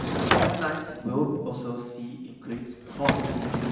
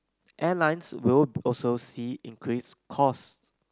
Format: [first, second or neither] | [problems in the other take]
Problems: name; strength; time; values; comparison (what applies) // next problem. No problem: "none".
second | background sound (Sliding door / Wood); 2 dB above the speech // room echo; dies away in 1 s